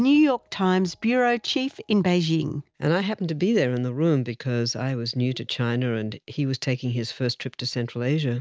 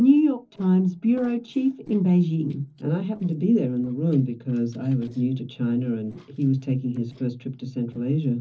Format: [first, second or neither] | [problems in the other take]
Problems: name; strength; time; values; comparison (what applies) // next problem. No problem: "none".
first | noise reduction (neural separator model SepFormer DNS4)